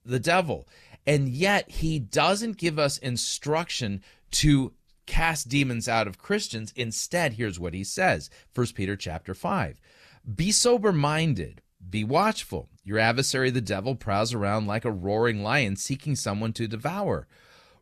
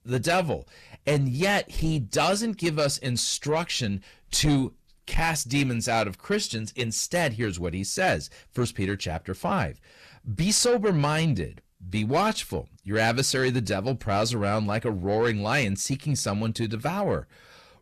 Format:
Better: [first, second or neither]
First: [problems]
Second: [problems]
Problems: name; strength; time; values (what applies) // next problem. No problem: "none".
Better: first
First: none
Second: distortion; slight; 10 dB below the speech